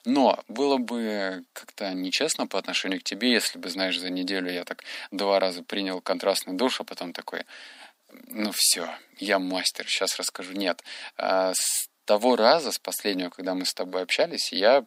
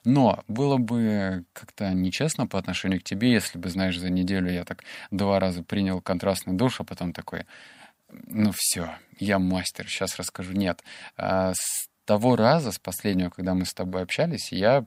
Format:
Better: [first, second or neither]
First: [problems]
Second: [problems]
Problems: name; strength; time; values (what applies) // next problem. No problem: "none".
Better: second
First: thin; very slightly; fading below 250 Hz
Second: none